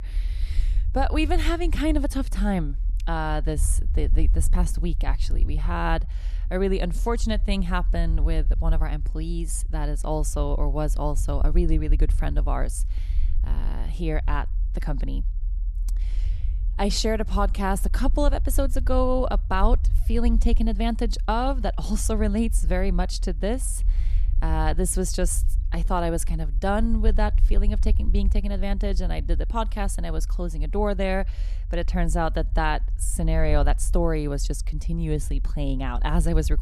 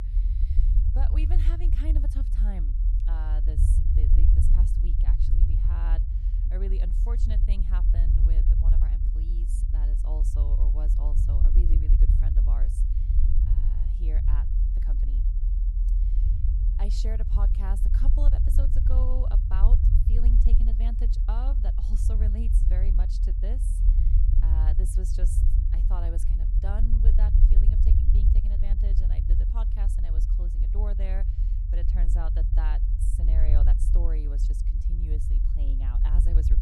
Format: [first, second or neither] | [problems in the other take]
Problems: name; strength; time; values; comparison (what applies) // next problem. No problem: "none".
first | low rumble; loud; throughout; 1 dB below the speech; faint in the first